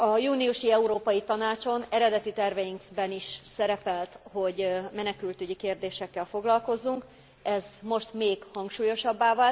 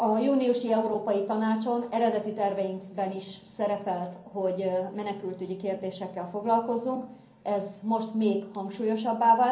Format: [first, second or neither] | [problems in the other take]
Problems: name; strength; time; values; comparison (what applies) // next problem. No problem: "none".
first | room echo; dies away in 0.6 s